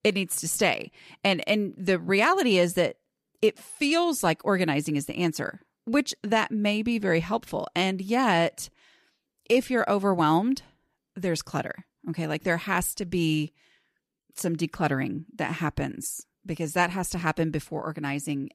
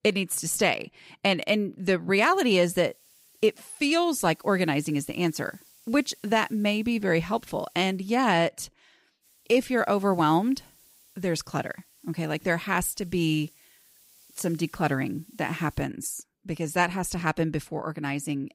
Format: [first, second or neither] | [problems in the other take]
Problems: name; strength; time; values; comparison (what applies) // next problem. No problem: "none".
first | hiss; faint; from 2 to 8 s and from 9 to 16 s; 30 dB below the speech